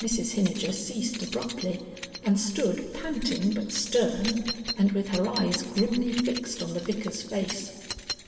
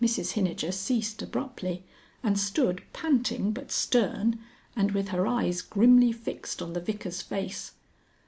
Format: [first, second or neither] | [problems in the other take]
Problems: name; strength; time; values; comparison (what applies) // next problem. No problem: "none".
second | background sound (Keys jangling); 10 dB below the speech // room echo; dies away in 1.9 s